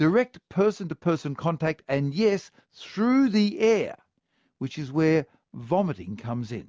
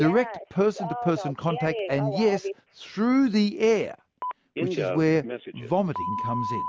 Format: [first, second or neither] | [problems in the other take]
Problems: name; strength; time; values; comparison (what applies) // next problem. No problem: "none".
first | background sound (Telephone); 7 dB below the speech